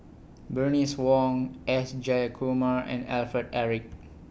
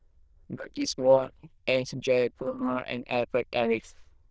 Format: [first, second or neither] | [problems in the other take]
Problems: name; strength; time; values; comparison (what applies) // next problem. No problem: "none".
first | noise reduction (neural diffusion model UNIVERSE++)